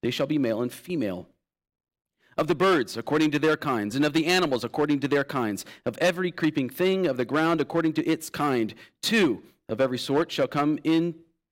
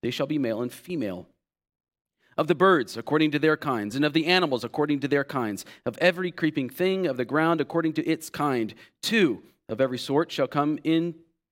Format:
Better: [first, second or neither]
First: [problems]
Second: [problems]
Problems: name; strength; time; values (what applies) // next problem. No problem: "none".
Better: second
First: distortion; slight; 5% of the sound clipped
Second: none